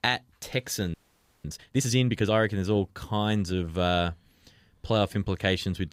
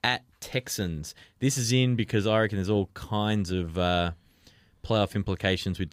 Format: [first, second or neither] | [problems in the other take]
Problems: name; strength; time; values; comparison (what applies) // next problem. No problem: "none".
second | audio freezing; at 1 s for 0.5 s